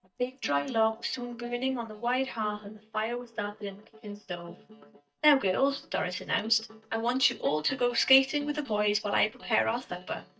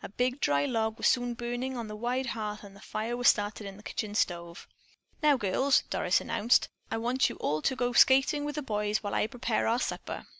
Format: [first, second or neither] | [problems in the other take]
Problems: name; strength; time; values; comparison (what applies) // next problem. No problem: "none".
second | noise reduction (neural mask model DeepFilterNet 3)